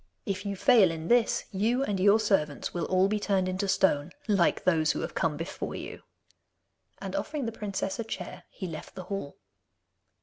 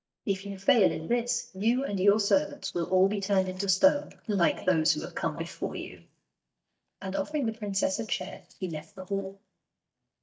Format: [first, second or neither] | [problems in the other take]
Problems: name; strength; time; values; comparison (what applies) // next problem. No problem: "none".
first | noise reduction (neural mask model DeepFilterNet 3)